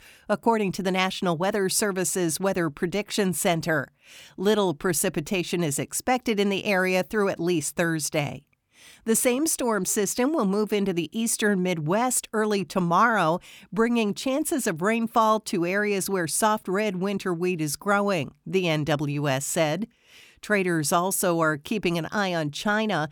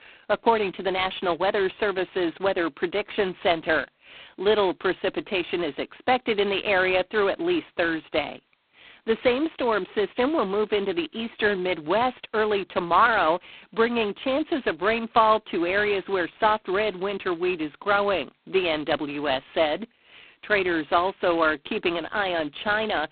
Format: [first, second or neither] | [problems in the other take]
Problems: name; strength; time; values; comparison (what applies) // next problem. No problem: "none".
first | phone-call audio; poor line; nothing above 4 kHz